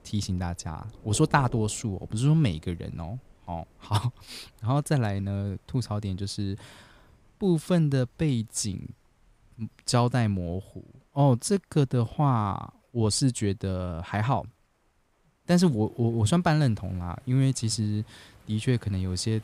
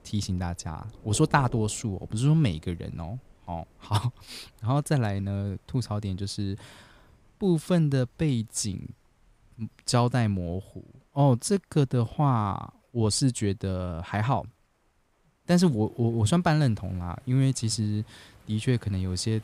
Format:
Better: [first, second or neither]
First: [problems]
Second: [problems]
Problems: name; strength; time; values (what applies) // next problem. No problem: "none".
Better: neither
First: rain or running water; faint; throughout; 25 dB below the speech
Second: rain or running water; faint; throughout; 25 dB below the speech